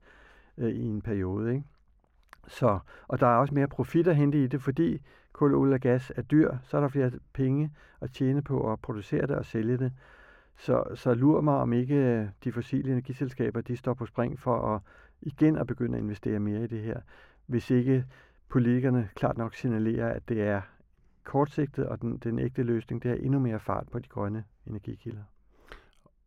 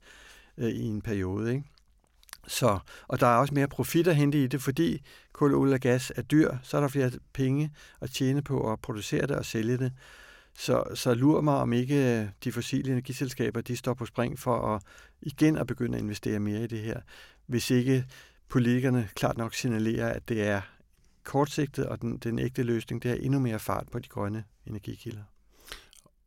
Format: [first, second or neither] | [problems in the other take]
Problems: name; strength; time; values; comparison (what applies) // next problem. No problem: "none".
second | muffled; very; fading above 3 kHz